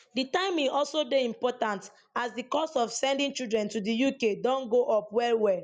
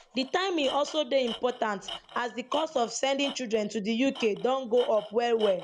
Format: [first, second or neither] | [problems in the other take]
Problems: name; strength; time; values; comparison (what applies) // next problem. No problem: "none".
first | background sound (Tools); 16 dB below the speech